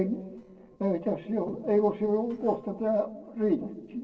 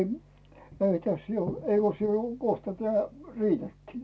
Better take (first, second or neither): second